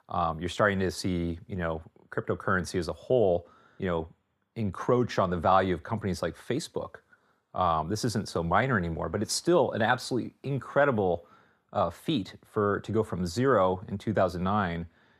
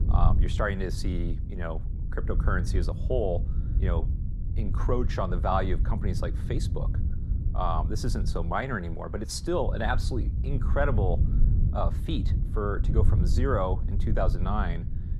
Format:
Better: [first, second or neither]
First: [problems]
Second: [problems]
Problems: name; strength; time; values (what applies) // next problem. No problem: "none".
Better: first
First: none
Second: wind noise on the microphone; occasional gusts; 10 dB below the speech